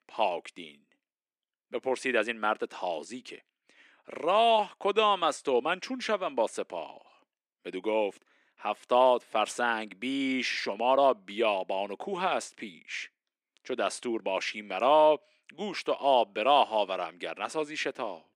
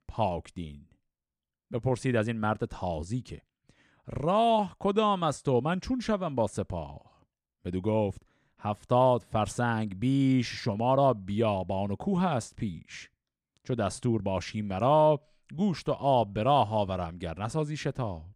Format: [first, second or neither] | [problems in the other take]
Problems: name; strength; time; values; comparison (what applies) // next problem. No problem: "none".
second | thin; somewhat; fading below 300 Hz